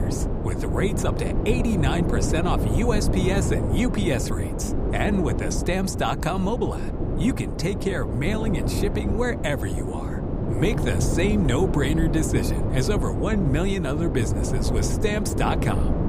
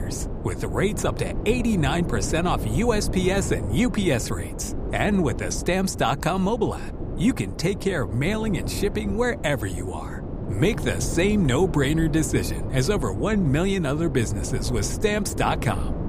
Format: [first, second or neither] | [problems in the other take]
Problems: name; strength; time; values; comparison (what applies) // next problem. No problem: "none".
second | wind noise on the microphone; heavy; 4 dB below the speech; occasional gusts in the second